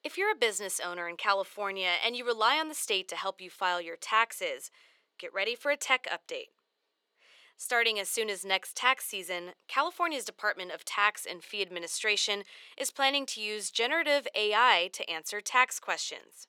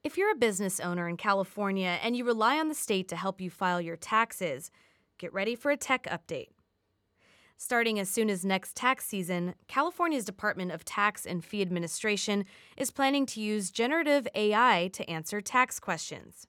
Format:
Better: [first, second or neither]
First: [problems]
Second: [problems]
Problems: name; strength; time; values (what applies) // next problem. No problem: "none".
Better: second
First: thin; very; fading below 400 Hz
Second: none